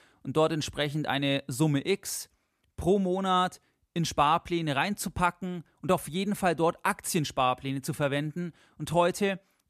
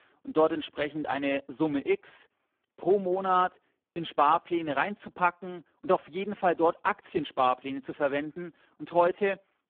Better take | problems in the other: first | phone-call audio; poor line

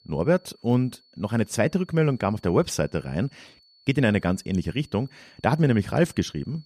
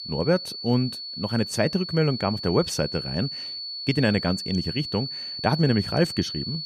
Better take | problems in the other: first | high-pitched whine; loud; throughout; 4.5 kHz, 6 dB below the speech; faint in the first

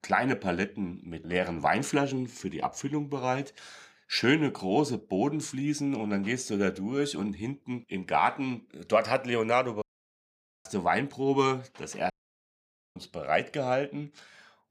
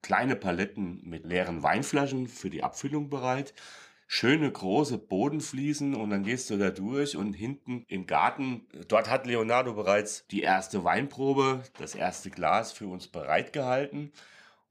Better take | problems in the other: second | audio cutting out; at 10 s for 1 s and at 12 s for 1 s

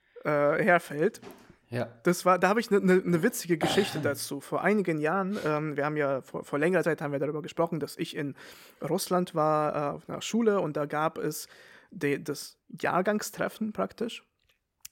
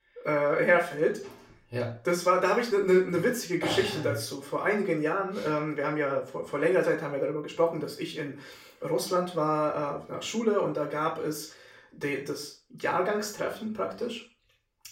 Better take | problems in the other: first | room echo; slight; dies away in 0.3 s // off-mic speech; far

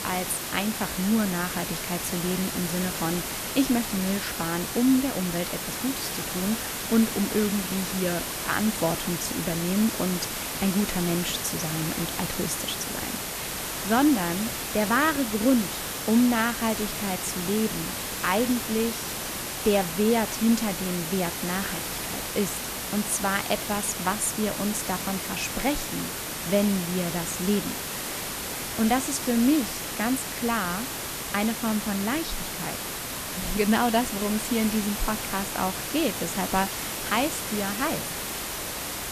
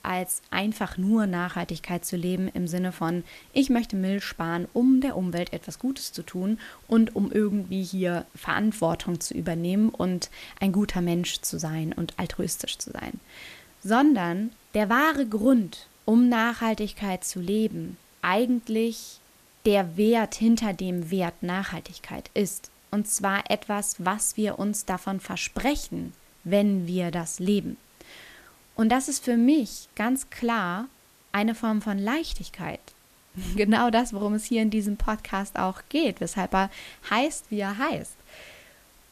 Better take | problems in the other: second | hiss; loud; throughout; 3 dB below the speech; faint in the second

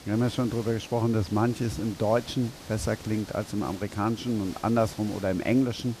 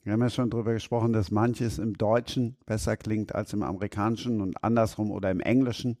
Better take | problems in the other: second | hiss; noticeable; throughout; 15 dB below the speech

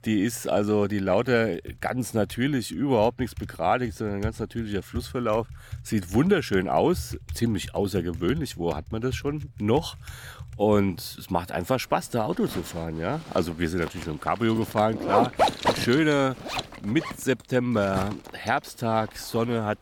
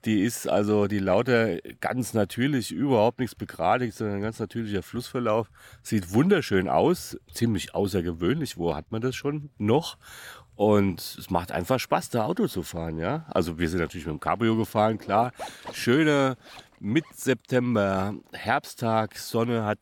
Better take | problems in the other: second | household noises; loud; throughout; 9 dB below the speech; faint in the second

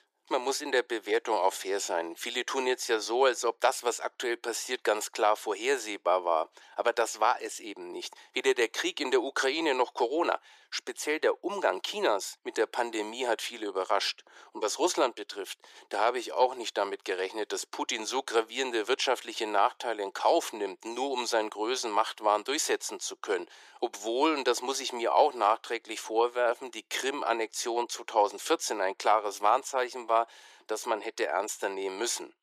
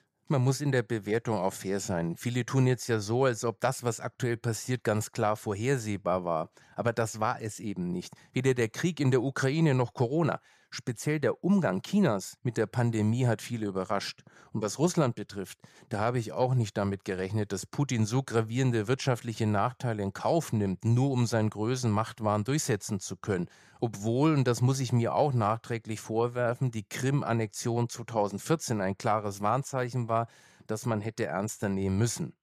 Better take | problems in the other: second | thin; very; fading below 350 Hz

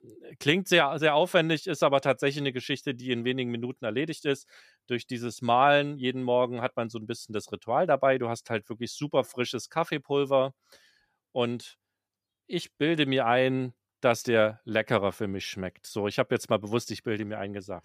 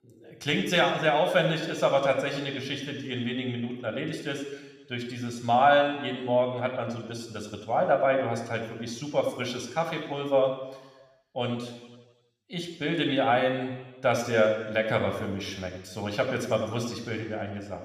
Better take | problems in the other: first | room echo; noticeable; dies away in 1.1 s

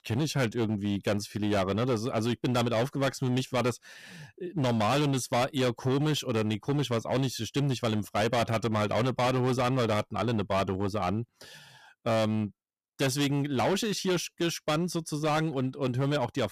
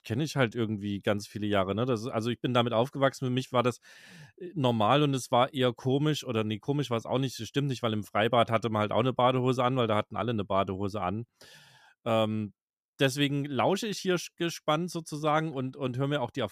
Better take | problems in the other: second | distortion; heavy; 17% of the sound clipped

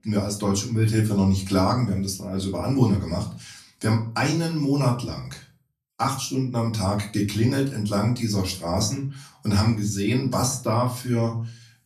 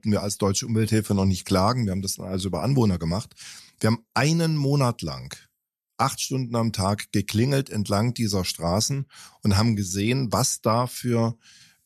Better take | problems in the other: second | off-mic speech; far // room echo; very slight; dies away in 0.3 s

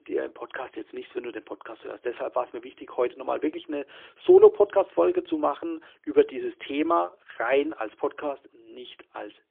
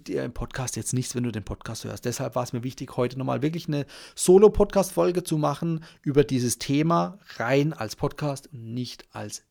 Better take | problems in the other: second | phone-call audio; poor line; nothing above 3.5 kHz

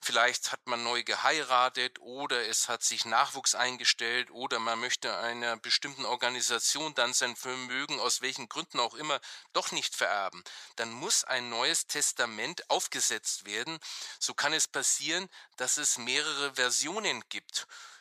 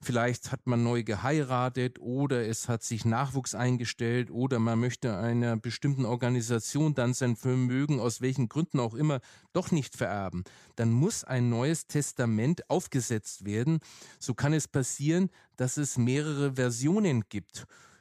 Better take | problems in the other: second | thin; very; fading below 950 Hz

